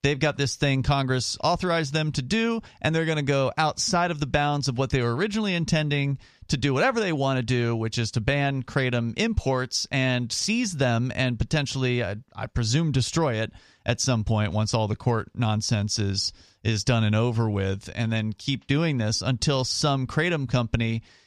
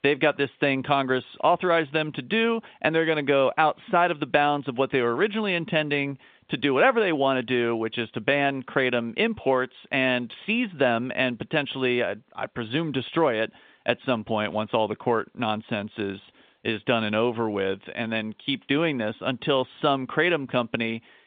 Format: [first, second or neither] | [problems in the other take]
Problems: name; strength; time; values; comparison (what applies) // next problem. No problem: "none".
first | phone-call audio; nothing above 3.5 kHz